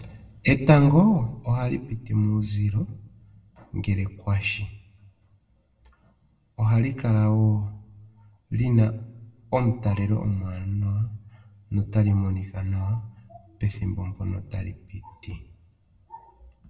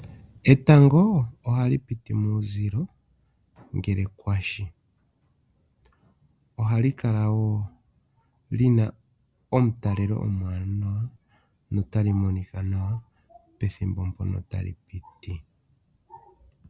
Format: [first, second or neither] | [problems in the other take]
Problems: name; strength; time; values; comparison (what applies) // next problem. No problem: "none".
second | room echo; dies away in 0.6 s